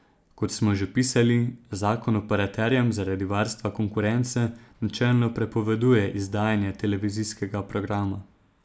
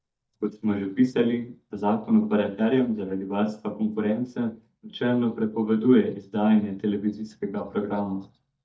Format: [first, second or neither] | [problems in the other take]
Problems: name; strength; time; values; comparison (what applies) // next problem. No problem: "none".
first | noise reduction (neural mask model DeepFilterNet 3)